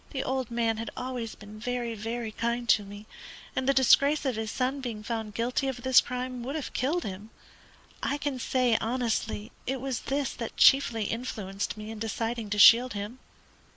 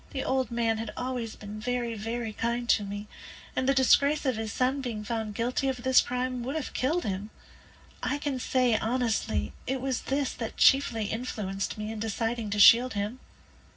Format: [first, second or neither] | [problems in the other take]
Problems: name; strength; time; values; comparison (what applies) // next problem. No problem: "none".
first | room echo; dies away in 0.4 s